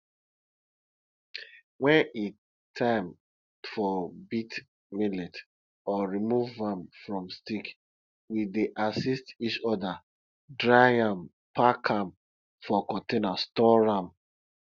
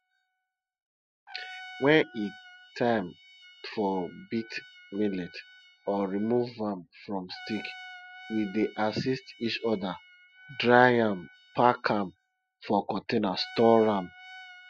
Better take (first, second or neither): first